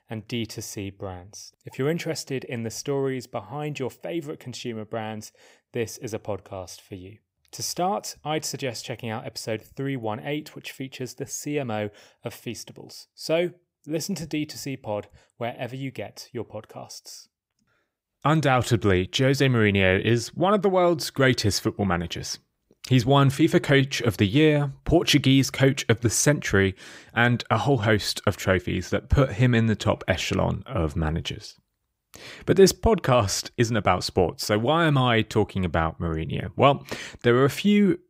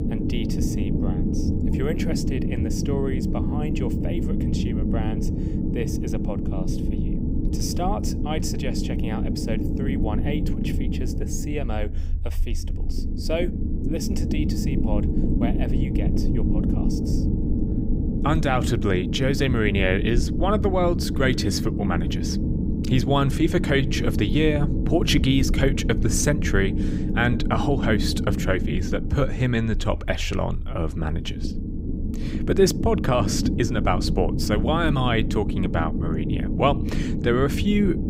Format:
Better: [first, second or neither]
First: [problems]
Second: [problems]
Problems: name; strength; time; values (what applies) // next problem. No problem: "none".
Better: first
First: none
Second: low rumble; loud; throughout; 6 dB below the speech